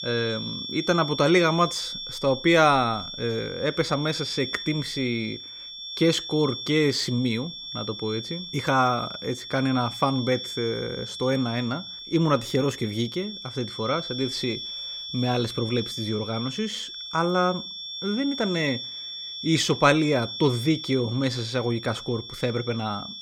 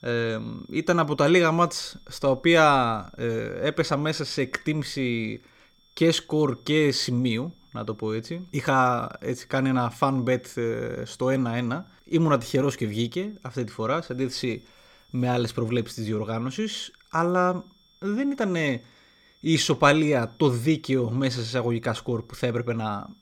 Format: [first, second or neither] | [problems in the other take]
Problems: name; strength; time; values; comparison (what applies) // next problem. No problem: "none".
second | high-pitched whine; loud; throughout; 3.5 kHz, 8 dB below the speech; faint in the second